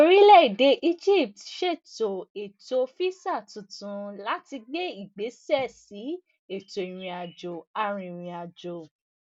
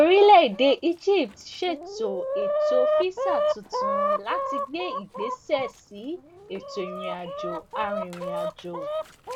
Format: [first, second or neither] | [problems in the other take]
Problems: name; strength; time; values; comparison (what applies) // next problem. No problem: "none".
first | background sound (Chicken, rooster); 4 dB below the speech